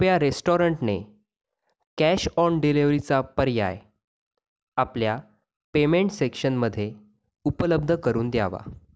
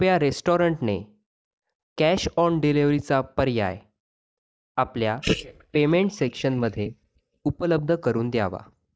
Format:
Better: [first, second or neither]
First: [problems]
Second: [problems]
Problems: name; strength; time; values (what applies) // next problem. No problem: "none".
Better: first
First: none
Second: noise reduction (neural mask model DeepFilterNet 3)